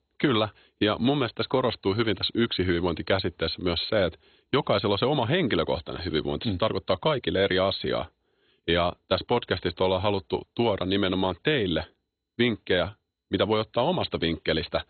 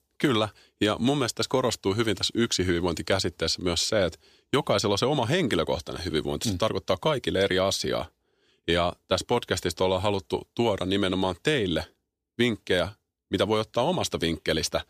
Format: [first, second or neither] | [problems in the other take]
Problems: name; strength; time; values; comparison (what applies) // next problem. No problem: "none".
second | garbled, watery; badly; nothing above 4 kHz